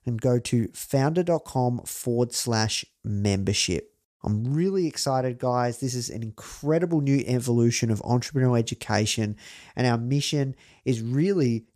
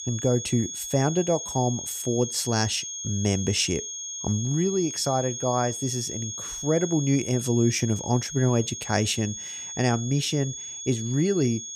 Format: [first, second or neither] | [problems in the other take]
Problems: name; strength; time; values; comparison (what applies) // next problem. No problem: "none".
first | high-pitched whine; loud; throughout; 6.5 kHz, 7 dB below the speech